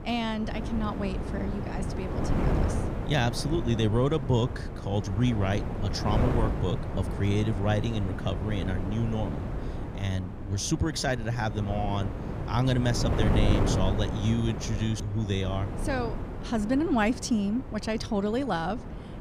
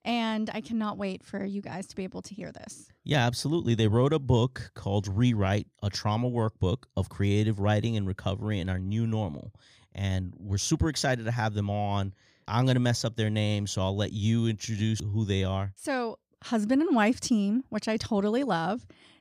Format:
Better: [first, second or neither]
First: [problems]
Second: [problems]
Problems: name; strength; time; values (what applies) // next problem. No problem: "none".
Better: second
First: wind noise on the microphone; heavy; 6 dB below the speech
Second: none